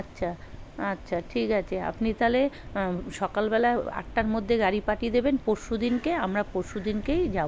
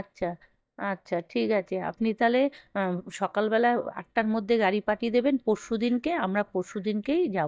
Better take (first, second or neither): first